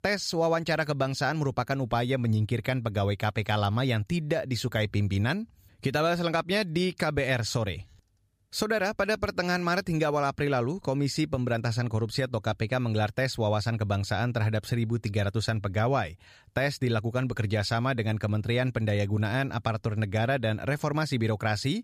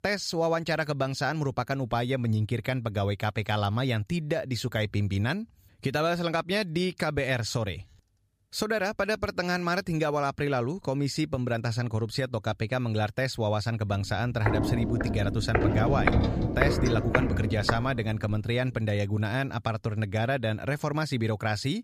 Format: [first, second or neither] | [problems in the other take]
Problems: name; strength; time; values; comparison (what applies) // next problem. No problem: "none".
first | footsteps; loud; from 14 to 18 s; peak 4 dB above the speech